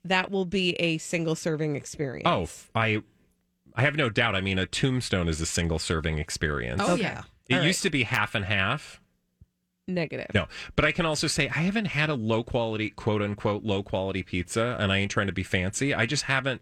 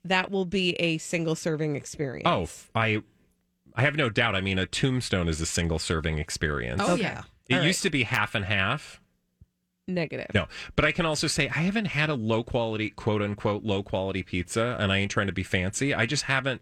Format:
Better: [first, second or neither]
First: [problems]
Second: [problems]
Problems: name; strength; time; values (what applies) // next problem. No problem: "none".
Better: neither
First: none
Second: none